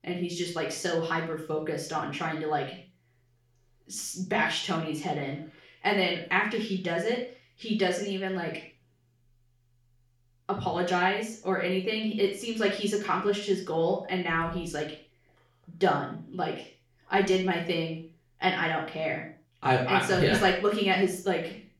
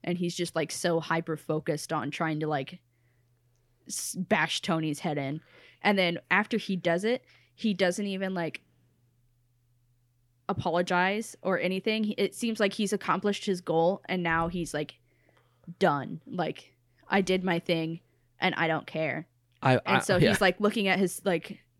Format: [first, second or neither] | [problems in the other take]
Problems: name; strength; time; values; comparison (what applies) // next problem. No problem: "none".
second | room echo; noticeable; dies away in 0.4 s // off-mic speech; far